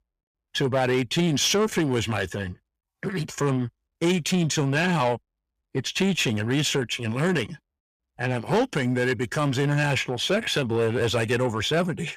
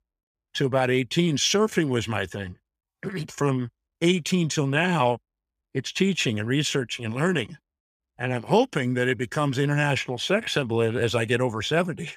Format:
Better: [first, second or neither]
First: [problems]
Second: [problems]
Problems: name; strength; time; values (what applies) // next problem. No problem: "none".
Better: second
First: distortion; slight; 10 dB below the speech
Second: none